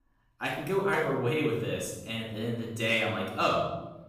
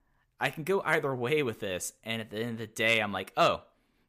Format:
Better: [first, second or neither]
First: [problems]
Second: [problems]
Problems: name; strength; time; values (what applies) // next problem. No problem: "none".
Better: second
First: off-mic speech; far // room echo; noticeable; dies away in 1.1 s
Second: none